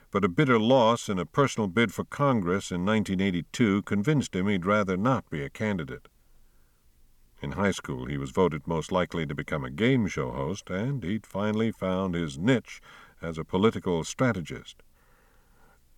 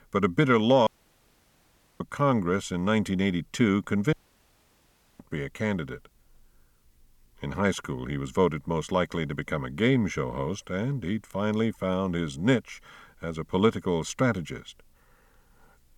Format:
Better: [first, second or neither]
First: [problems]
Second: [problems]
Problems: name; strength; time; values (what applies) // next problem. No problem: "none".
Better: first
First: none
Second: audio cutting out; at 1 s for 1 s and at 4 s for 1 s